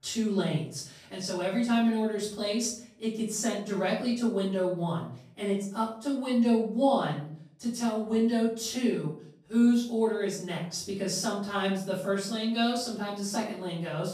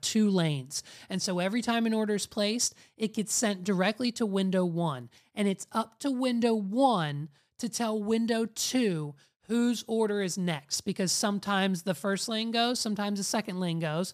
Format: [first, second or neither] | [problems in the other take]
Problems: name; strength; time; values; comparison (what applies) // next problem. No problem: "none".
second | off-mic speech; far // room echo; noticeable; dies away in 0.4 s